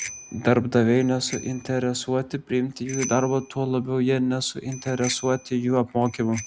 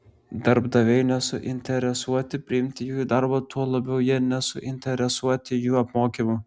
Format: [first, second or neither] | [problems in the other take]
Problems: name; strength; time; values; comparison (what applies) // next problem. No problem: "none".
second | background sound (Bicycle bell); 17 dB below the speech